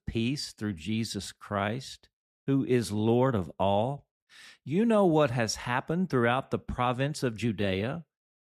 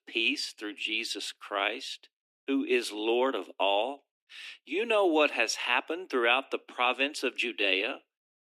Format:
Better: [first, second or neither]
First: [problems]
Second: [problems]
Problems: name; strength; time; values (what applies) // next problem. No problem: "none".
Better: first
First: none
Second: thin; somewhat; fading below 250 Hz